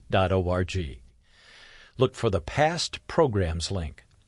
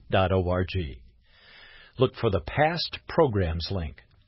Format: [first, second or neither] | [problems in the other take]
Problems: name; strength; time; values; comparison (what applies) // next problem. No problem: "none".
first | garbled, watery; badly; nothing above 5.5 kHz; slightly in the first